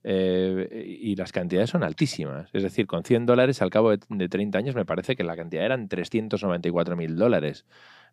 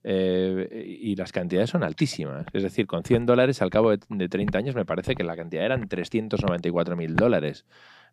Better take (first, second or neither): first